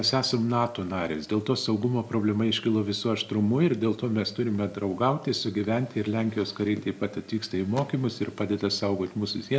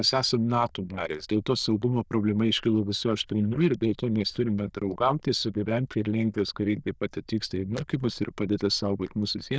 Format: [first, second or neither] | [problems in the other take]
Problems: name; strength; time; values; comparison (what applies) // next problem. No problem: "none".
first | noise reduction (neural diffusion model UNIVERSE++)